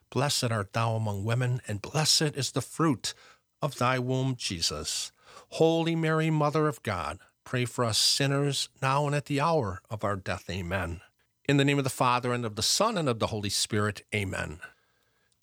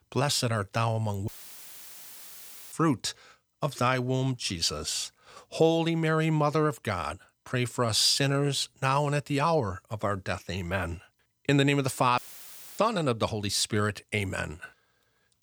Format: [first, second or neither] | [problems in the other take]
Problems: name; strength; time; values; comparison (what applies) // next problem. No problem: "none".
first | audio cutting out; filled with static; at 1.5 s for 1.5 s and at 12 s for 0.5 s